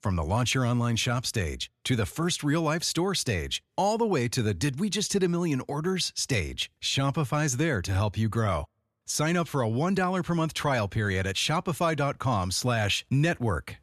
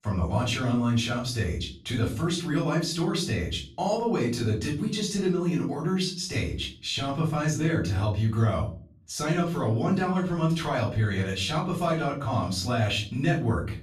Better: first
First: none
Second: off-mic speech; far // room echo; slight; dies away in 0.5 s

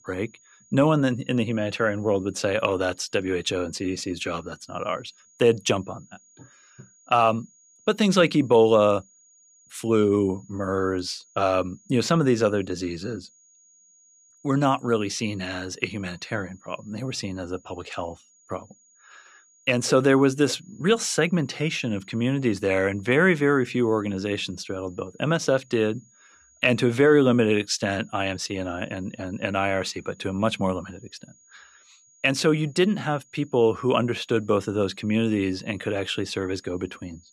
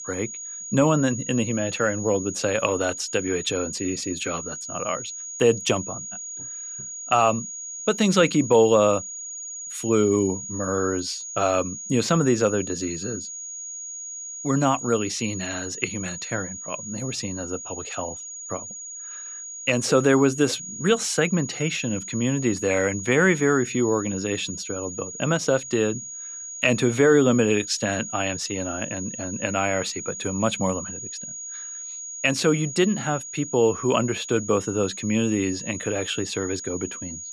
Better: first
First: high-pitched whine; faint; throughout; 6.5 kHz, 30 dB below the speech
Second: high-pitched whine; loud; throughout; 6.5 kHz, 9 dB below the speech

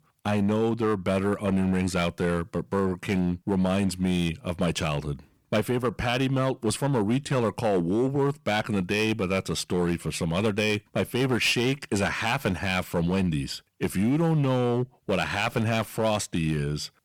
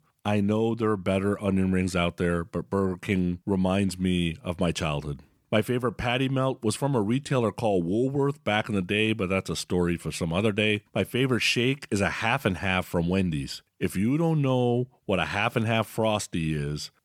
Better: second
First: distortion; slight; 6% of the sound clipped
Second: none

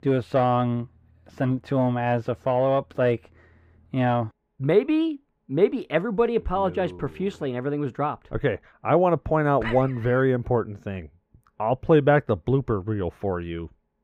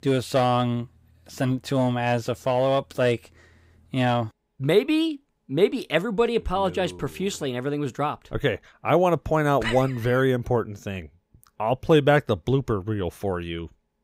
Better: second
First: muffled; very; fading above 3.5 kHz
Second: none

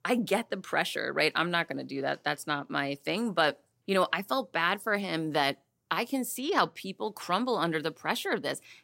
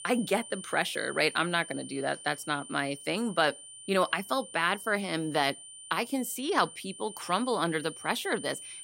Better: first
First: none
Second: high-pitched whine; noticeable; throughout; 9 kHz, 15 dB below the speech

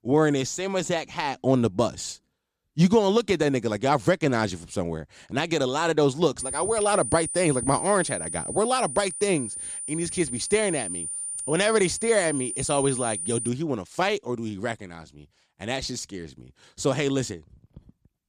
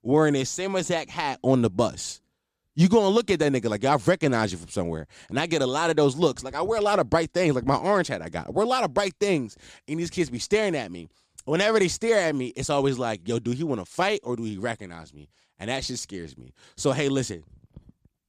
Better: second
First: high-pitched whine; loud; from 6.5 to 13 s; 9.5 kHz, 5 dB below the speech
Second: none

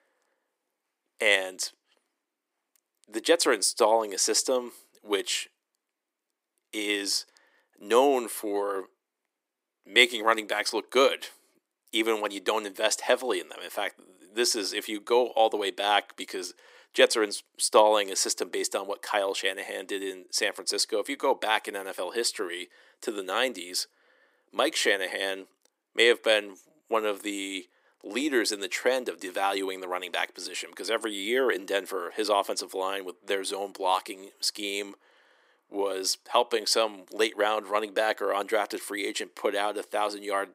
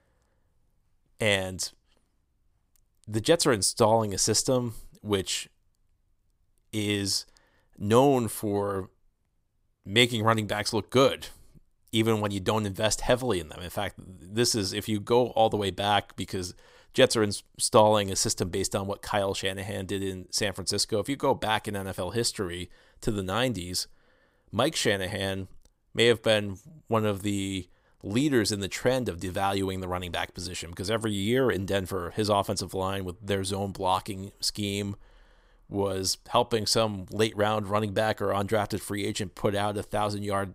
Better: second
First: thin; somewhat; fading below 300 Hz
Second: none

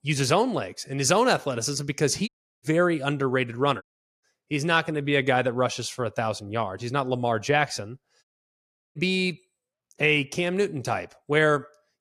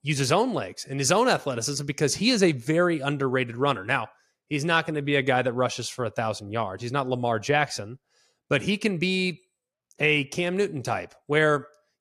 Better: second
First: audio cutting out; at 2.5 s, at 4 s and at 8 s for 0.5 s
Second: none

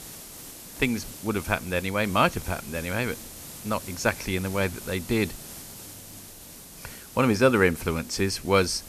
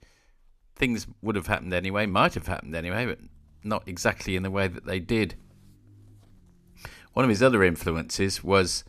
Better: second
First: hiss; noticeable; throughout; 15 dB below the speech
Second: none

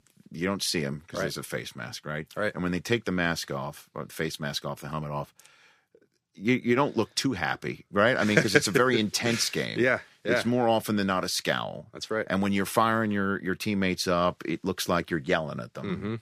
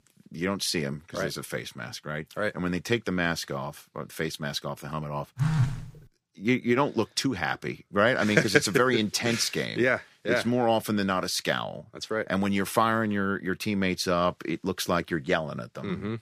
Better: first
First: none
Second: phone ringing; loud; at 5.5 s; peak 1 dB above the speech

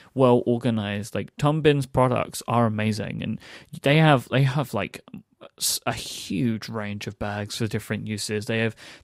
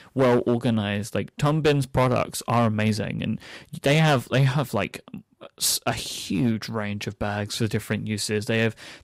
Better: first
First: none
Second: distortion; slight; 5% of the sound clipped

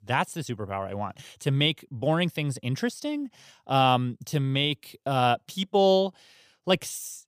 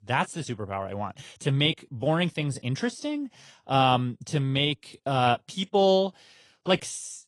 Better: first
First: none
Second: garbled, watery; slightly; nothing above 10 kHz

